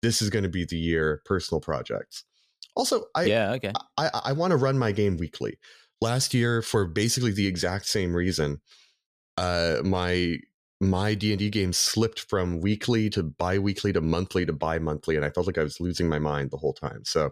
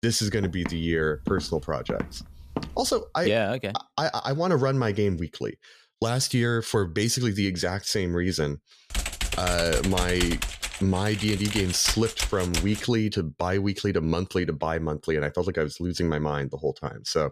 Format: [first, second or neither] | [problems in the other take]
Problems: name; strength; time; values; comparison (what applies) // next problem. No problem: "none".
first | footsteps; noticeable; until 3 s; peak 8 dB below the speech // keyboard typing; noticeable; from 9 to 13 s; peak 1 dB below the speech